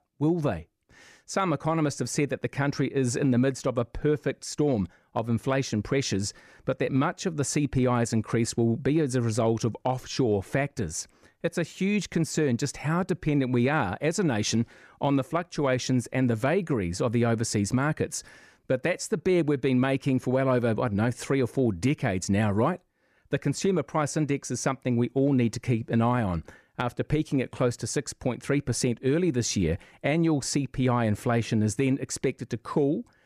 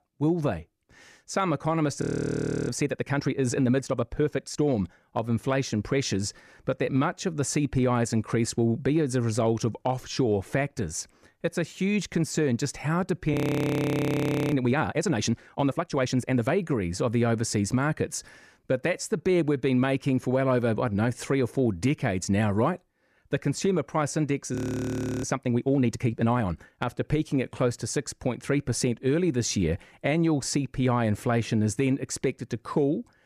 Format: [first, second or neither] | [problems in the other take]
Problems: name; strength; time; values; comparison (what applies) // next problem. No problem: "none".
first | audio freezing; at 2 s for 0.5 s, at 13 s for 1 s and at 25 s for 0.5 s